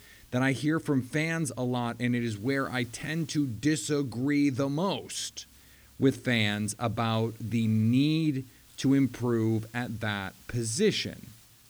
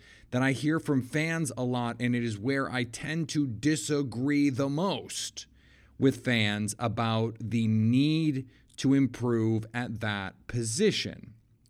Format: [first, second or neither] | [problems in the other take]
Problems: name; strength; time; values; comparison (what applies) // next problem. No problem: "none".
second | hiss; faint; throughout; 25 dB below the speech